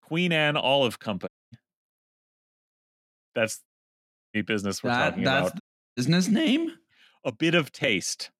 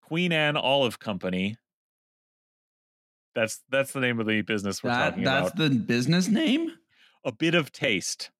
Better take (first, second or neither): second